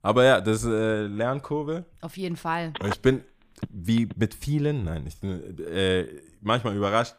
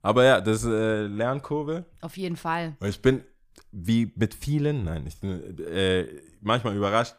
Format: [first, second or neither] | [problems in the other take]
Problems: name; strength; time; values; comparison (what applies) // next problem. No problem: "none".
second | phone ringing; noticeable; from 3 to 4 s; peak 8 dB below the speech